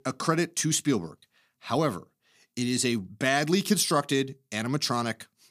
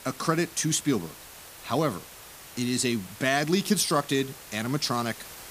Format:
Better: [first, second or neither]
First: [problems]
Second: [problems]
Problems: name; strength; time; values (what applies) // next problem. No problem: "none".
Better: first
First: none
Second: hiss; noticeable; throughout; 15 dB below the speech